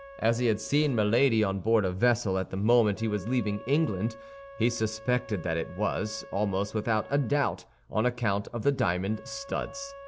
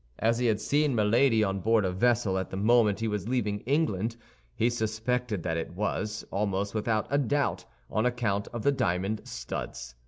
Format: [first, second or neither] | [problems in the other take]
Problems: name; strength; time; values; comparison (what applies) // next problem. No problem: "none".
second | background sound (Wind instrument, woodwind instrument); 20 dB below the speech